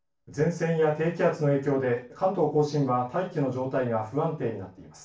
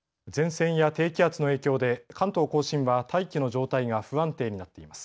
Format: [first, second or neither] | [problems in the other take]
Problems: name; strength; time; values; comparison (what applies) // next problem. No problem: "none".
second | room echo; dies away in 0.3 s